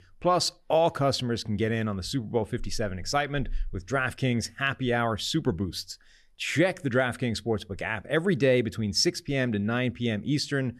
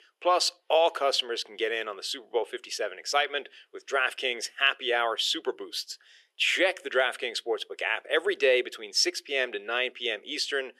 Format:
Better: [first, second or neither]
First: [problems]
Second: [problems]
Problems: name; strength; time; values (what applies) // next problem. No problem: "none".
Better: first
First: none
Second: thin; very; fading below 400 Hz